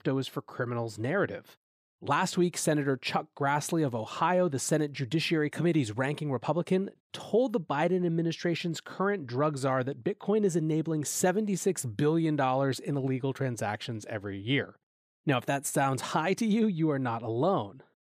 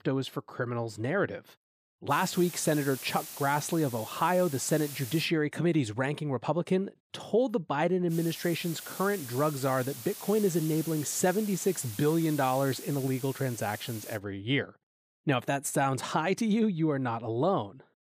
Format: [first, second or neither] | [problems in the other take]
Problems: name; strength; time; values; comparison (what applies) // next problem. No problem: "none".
first | hiss; noticeable; from 2 to 5.5 s and from 8 to 14 s; 10 dB below the speech